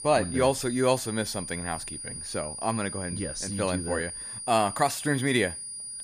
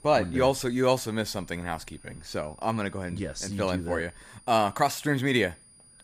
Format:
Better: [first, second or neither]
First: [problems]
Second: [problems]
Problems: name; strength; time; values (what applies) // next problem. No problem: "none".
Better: second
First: high-pitched whine; loud; throughout; 9.5 kHz, 7 dB below the speech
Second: high-pitched whine; faint; throughout; 9.5 kHz, 25 dB below the speech